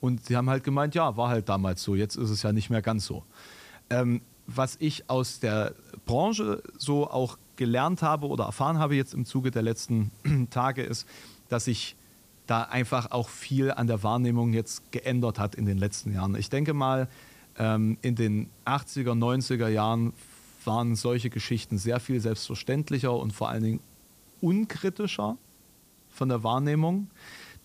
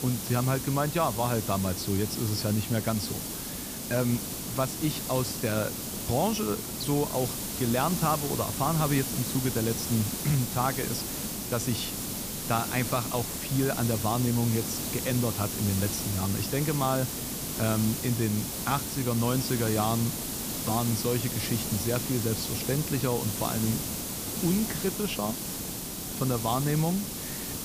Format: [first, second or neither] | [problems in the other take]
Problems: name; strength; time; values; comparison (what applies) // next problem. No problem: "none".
first | hiss; loud; throughout; 2 dB below the speech; faint in the first